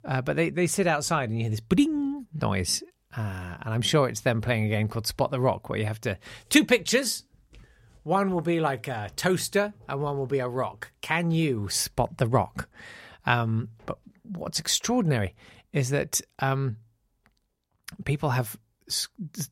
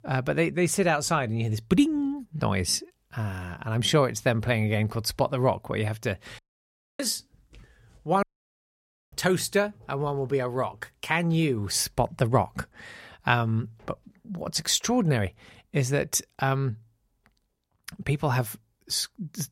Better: first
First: none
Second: audio cutting out; at 6.5 s for 0.5 s and at 8 s for 1 s

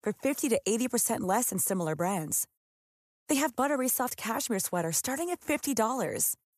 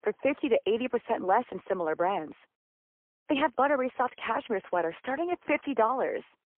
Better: first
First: none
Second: phone-call audio; poor line; nothing above 3 kHz

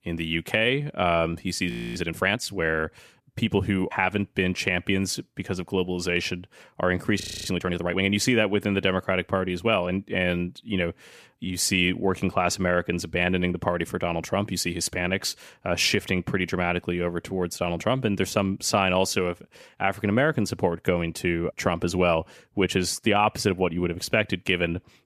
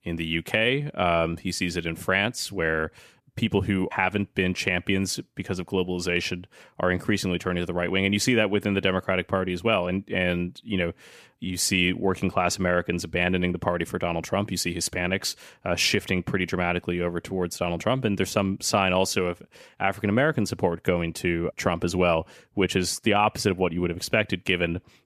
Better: second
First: audio freezing; at 1.5 s and at 7 s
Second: none

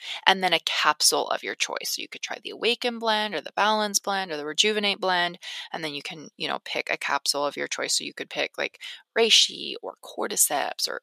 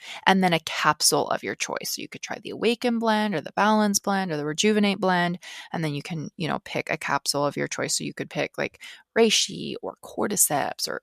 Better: second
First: thin; somewhat; fading below 350 Hz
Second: none

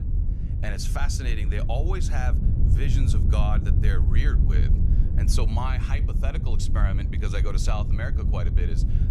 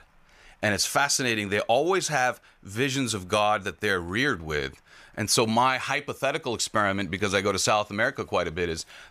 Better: second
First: wind noise on the microphone; heavy; 5 dB below the speech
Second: none

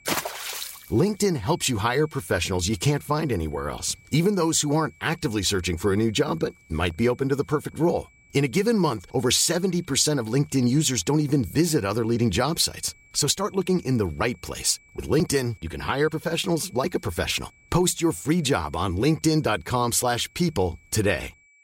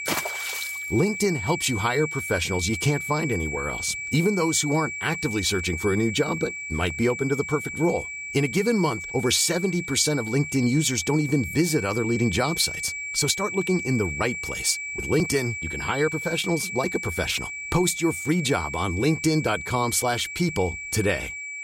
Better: first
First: high-pitched whine; faint; throughout; 2.5 kHz, 30 dB below the speech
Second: high-pitched whine; loud; throughout; 2.5 kHz, 6 dB below the speech

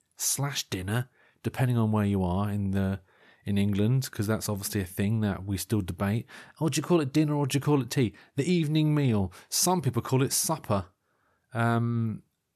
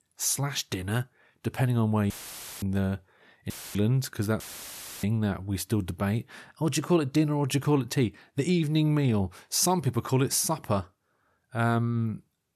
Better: first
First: none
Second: audio cutting out; filled with static; at 2 s for 0.5 s, at 3.5 s and at 4.5 s for 0.5 s

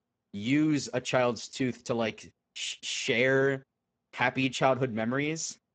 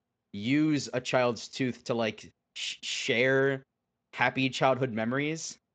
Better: second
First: garbled, watery; badly; nothing above 7.5 kHz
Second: garbled, watery; slightly; nothing above 7.5 kHz

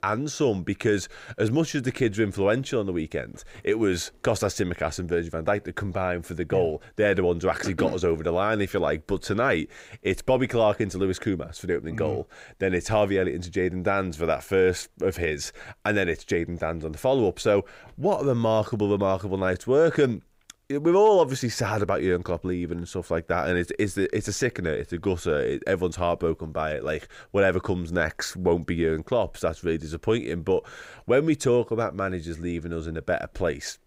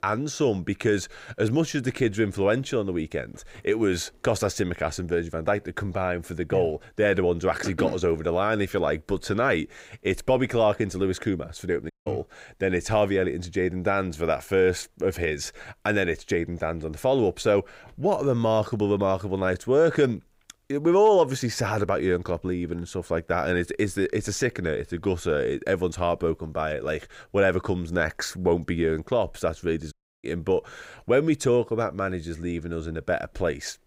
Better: first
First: none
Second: audio cutting out; at 12 s and at 30 s

